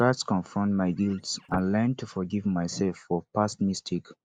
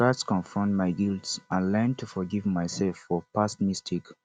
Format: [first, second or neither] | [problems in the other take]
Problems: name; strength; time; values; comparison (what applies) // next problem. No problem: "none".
second | noise reduction (neural mask model Resemble Enhance denoiser)